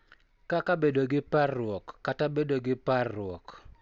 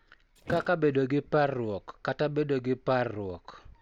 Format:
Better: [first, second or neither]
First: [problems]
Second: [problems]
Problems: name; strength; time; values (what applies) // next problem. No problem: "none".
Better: first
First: none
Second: background sound (Thump, thud); 15 dB below the speech